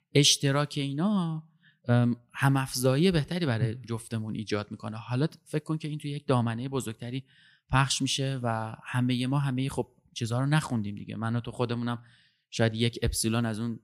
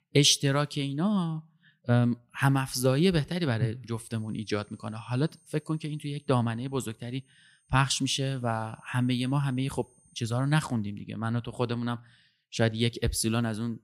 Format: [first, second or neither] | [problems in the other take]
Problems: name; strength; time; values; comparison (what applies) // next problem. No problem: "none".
first | high-pitched whine; faint; from 4 to 11 s; 8.5 kHz, 35 dB below the speech